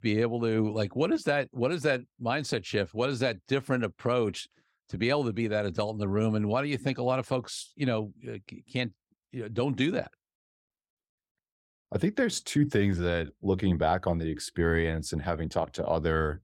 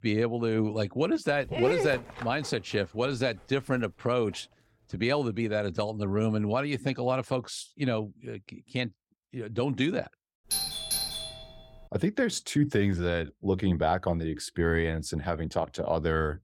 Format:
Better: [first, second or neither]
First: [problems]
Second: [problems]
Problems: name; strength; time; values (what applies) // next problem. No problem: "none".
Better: first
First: none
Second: dog barking; loud; from 1.5 to 2.5 s; peak 1 dB above the speech // doorbell; loud; from 11 to 12 s; peak 1 dB above the speech